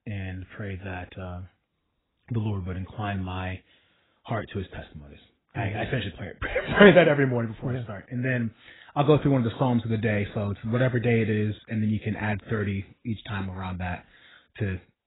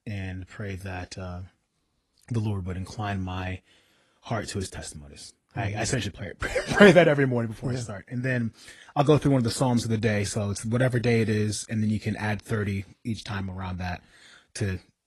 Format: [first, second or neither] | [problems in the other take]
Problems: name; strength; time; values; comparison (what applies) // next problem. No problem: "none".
second | garbled, watery; badly; nothing above 4 kHz; slightly in the second